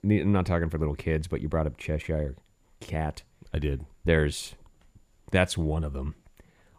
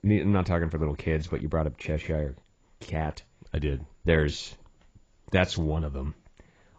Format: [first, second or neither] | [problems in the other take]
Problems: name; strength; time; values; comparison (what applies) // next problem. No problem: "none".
first | garbled, watery; badly; nothing above 7.5 kHz